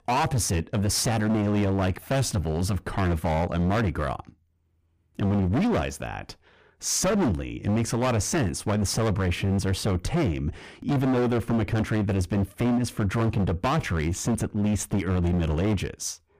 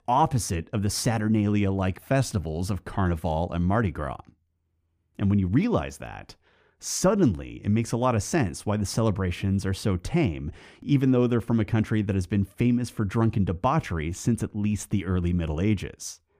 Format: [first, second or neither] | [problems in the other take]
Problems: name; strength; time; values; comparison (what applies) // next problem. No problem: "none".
second | distortion; heavy; 22% of the sound clipped